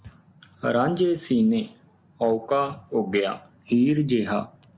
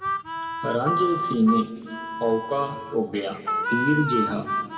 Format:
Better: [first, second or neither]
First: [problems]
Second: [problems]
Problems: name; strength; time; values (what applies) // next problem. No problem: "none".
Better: first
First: none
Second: background sound (Harmonica); 3 dB below the speech // room echo; dies away in 1.8 s